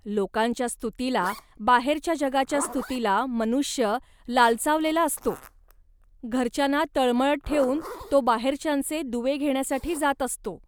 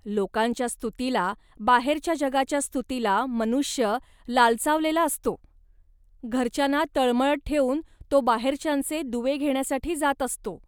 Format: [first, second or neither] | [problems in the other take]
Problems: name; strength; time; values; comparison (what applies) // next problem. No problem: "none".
second | background sound (Zipper (clothing)); 19 dB below the speech